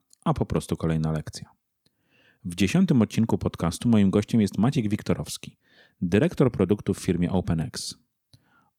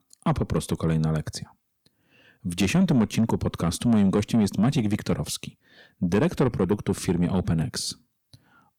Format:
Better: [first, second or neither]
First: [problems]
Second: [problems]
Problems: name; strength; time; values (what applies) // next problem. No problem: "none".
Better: first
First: none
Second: distortion; slight; 10 dB below the speech